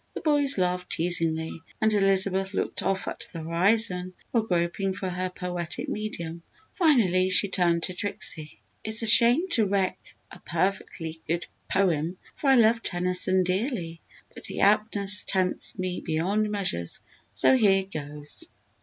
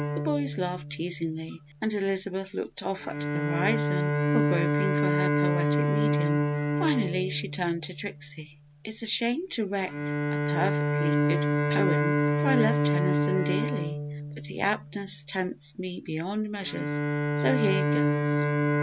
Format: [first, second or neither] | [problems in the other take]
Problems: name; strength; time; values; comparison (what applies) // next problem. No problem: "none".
first | background sound (Bowed string instrument); 4 dB above the speech